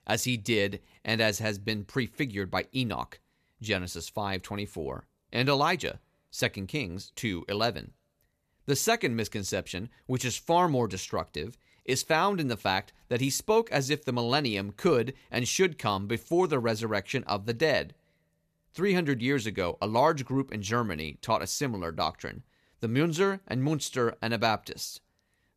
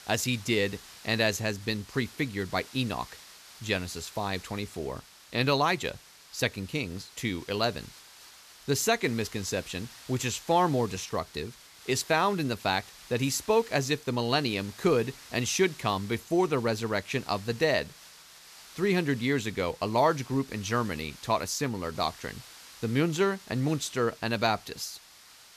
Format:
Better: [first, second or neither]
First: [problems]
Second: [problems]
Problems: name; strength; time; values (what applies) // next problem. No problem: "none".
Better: first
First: none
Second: hiss; noticeable; throughout; 20 dB below the speech